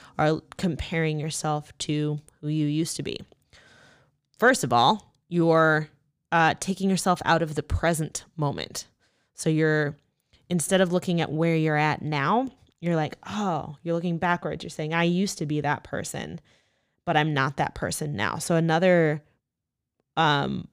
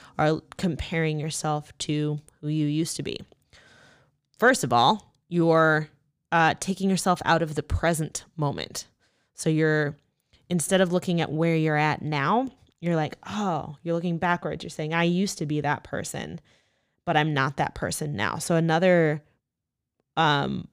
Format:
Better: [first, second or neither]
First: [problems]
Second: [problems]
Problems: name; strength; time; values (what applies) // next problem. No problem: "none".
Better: neither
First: none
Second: none